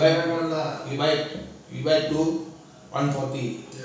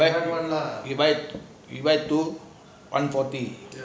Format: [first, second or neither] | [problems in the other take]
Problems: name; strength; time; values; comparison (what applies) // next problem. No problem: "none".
second | room echo; dies away in 0.6 s